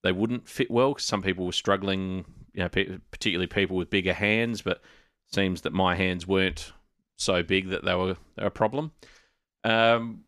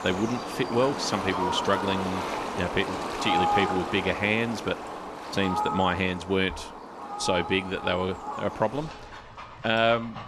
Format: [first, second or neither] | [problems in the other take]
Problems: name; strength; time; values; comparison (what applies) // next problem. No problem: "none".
first | animal sounds; loud; throughout; 4 dB below the speech